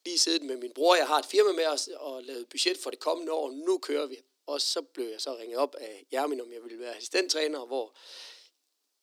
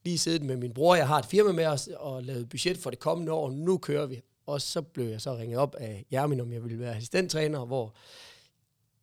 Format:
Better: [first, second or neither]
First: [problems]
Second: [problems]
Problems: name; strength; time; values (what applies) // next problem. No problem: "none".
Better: second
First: thin; somewhat; fading below 250 Hz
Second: none